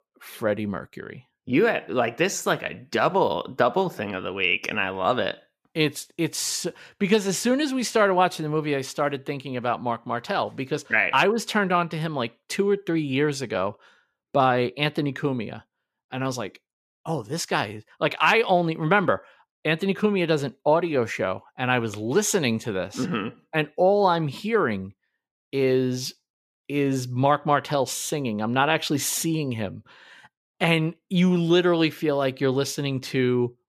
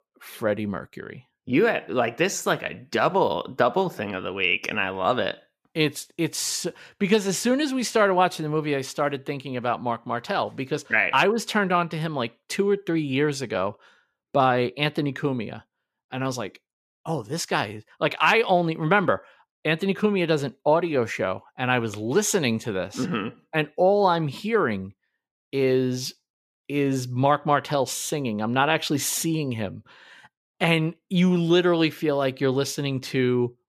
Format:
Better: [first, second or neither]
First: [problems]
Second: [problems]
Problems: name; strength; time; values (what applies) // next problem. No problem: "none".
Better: neither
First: none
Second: none